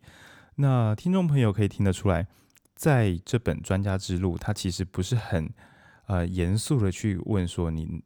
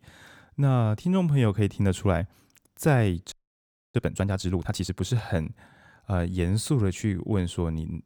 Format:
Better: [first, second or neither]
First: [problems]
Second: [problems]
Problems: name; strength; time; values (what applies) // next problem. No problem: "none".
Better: first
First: none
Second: audio freezing; at 3.5 s for 0.5 s